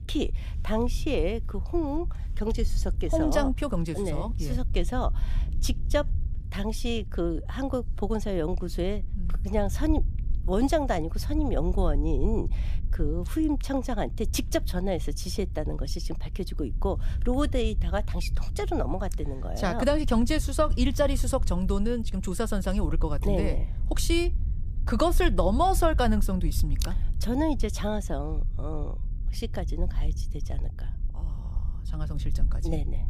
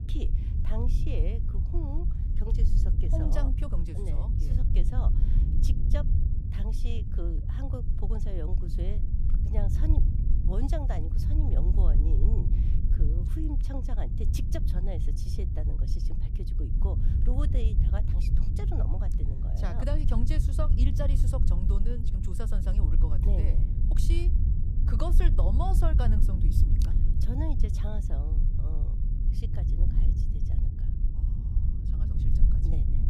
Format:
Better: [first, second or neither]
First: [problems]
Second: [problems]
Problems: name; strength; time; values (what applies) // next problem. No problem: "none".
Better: first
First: low rumble; faint; throughout; 20 dB below the speech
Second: low rumble; loud; throughout; 3 dB below the speech